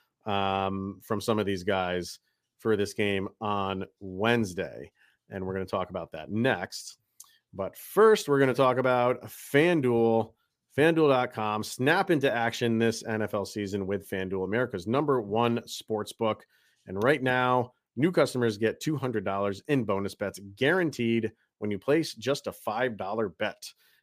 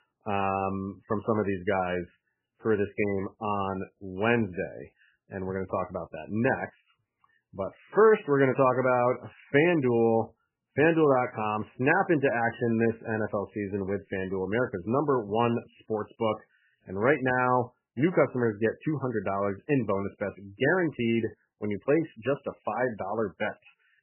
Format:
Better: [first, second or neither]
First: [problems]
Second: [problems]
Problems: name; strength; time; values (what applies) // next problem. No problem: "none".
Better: first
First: none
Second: garbled, watery; badly; nothing above 3 kHz